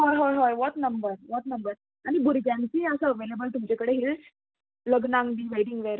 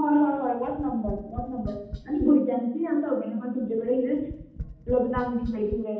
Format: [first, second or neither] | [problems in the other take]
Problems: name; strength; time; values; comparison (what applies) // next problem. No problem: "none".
first | background sound (Tap); 13 dB below the speech // room echo; dies away in 0.8 s